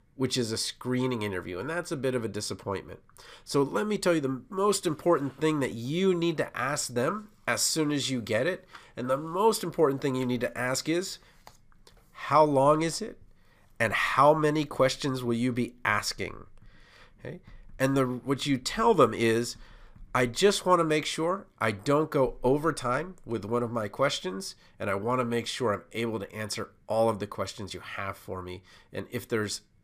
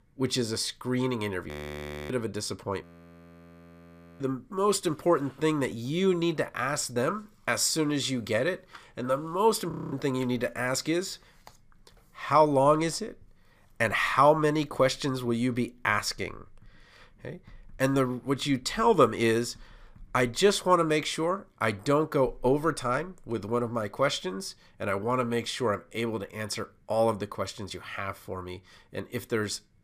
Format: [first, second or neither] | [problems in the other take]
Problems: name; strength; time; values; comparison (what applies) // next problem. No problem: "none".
first | audio freezing; at 1.5 s for 0.5 s, at 3 s for 1.5 s and at 9.5 s